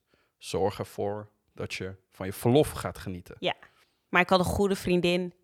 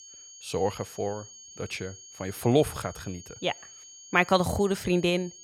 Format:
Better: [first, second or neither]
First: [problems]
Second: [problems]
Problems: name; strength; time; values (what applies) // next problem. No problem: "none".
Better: first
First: none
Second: high-pitched whine; noticeable; throughout; 6.5 kHz, 20 dB below the speech